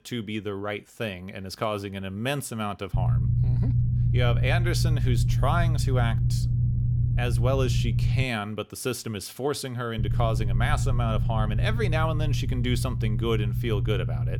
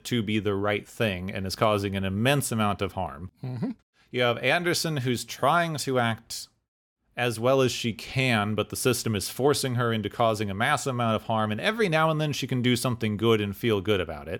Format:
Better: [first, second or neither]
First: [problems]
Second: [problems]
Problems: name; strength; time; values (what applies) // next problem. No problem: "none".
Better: second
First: low rumble; loud; from 3 to 8 s and from 10 s on; 8 dB below the speech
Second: none